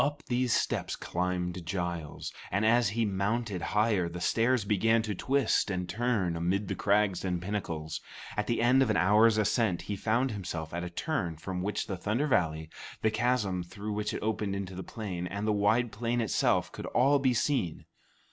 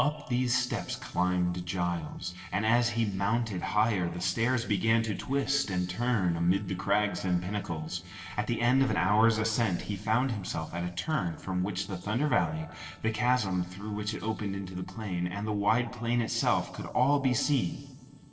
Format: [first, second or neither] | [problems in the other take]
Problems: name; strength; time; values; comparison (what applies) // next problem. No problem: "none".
first | noise reduction (neural separator model SepFormer DNS4)